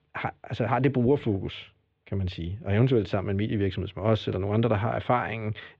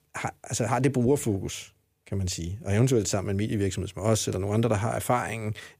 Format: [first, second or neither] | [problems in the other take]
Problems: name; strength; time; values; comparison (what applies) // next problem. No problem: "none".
second | muffled; very; fading above 3.5 kHz